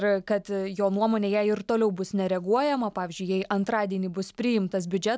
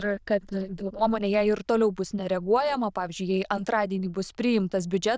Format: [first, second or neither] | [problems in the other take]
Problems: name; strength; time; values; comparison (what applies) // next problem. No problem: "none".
first | noise reduction (neural diffusion model UNIVERSE++)